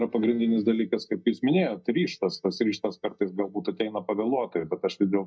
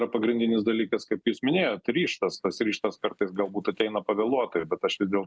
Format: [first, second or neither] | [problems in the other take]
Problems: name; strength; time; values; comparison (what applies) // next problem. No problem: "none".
second | noise reduction (neural mask model DeepFilterNet 3)